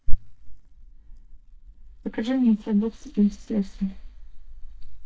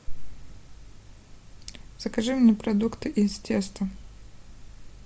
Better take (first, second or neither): second